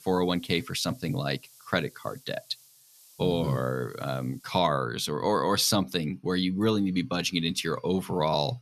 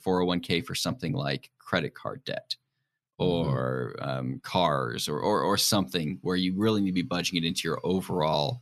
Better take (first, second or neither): second